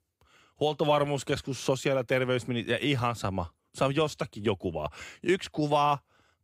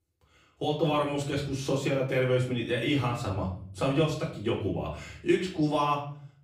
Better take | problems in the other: first | off-mic speech; far // room echo; slight; dies away in 0.5 s

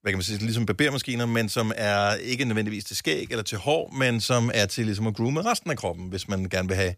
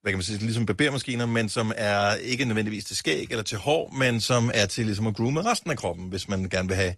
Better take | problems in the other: first | garbled, watery; slightly; nothing above 10 kHz

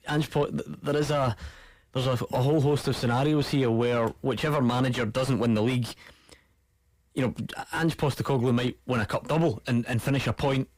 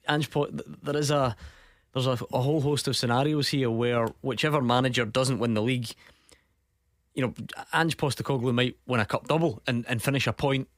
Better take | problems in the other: second | distortion; heavy; 7 dB below the speech

